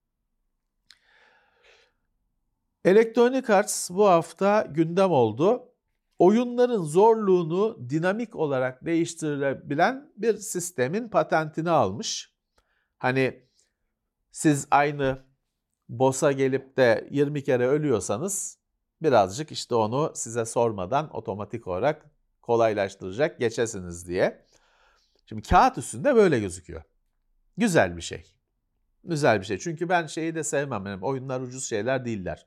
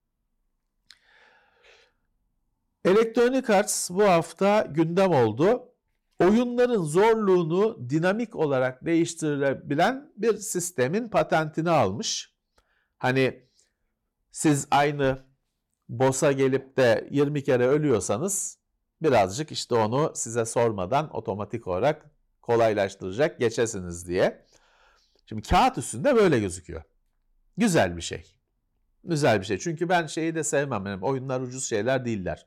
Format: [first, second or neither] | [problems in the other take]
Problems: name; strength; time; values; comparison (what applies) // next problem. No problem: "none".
first | distortion; slight; 4% of the sound clipped